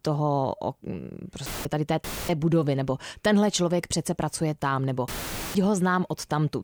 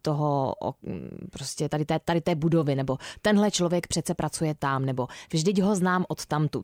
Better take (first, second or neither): second